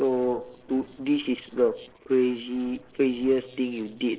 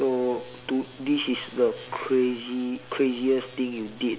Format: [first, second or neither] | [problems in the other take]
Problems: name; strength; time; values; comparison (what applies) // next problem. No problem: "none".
second | noise reduction (neural separator model SepFormer DNS4)